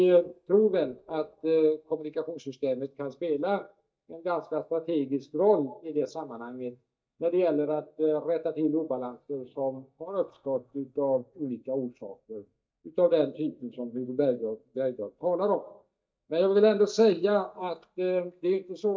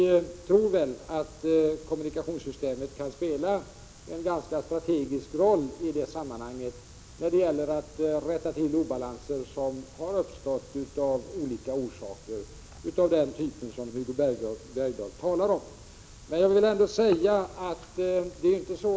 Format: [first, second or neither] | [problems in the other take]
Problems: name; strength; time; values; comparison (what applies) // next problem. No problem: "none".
second | noise reduction (neural mask model DeepFilterNet 3)